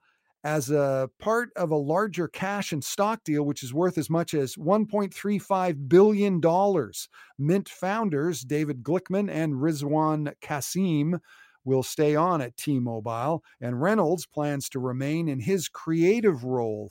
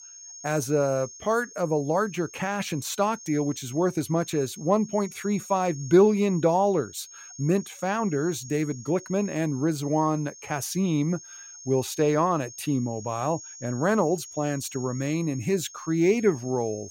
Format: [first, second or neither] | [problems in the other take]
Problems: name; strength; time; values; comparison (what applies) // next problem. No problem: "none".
first | high-pitched whine; noticeable; throughout; 6.5 kHz, 15 dB below the speech